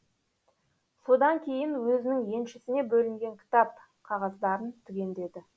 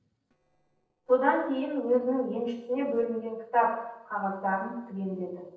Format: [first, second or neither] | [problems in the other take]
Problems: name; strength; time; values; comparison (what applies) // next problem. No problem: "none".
first | noise reduction (neural separator model SepFormer DNS4)